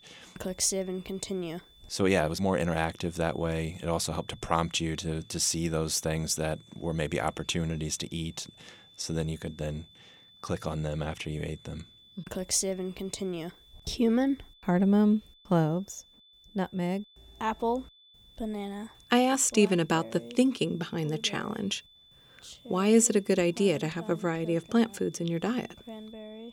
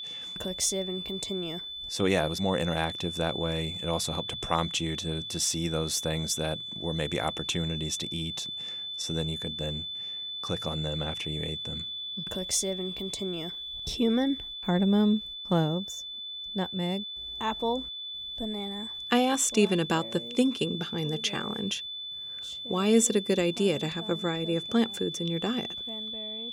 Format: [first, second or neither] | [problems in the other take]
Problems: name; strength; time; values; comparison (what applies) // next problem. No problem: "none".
first | high-pitched whine; loud; throughout; 3.5 kHz, 5 dB below the speech; faint in the first